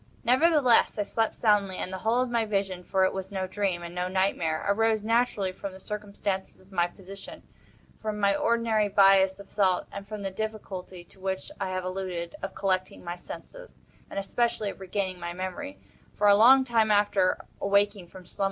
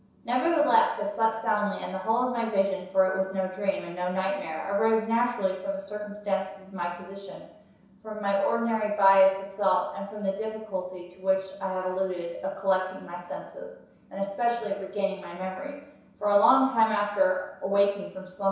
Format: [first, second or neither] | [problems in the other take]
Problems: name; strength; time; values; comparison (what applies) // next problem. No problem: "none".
first | room echo; dies away in 0.7 s